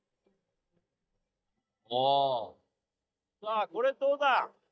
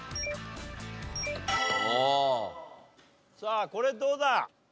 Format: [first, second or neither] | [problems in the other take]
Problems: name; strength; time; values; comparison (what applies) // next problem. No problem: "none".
second | noise reduction (neural mask model DeepFilterNet 3)